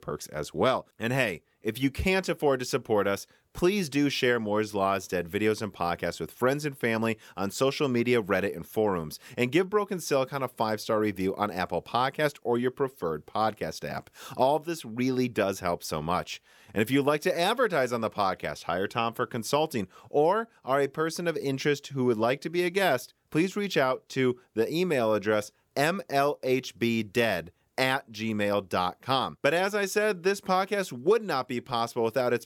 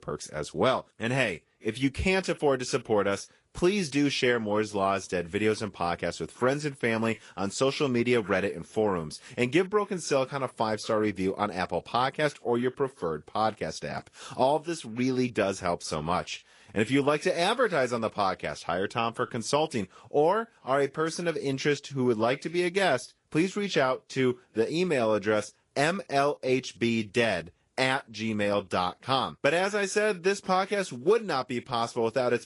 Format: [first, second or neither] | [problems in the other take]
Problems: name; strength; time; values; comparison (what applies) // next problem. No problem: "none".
first | garbled, watery; slightly; nothing above 11 kHz